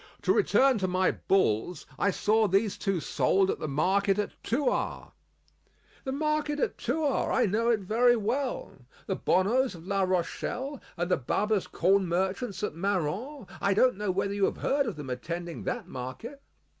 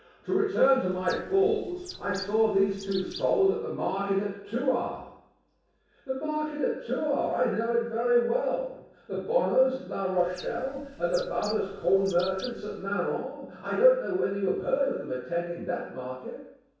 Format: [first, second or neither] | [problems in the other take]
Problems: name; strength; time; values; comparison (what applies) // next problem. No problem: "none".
first | background sound (Bird); 17 dB below the speech // room echo; dies away in 0.7 s